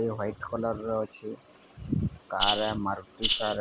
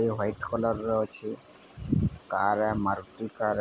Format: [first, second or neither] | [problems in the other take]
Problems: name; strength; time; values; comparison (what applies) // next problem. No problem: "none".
second | background sound (Rattle (instrument)); 2 dB above the speech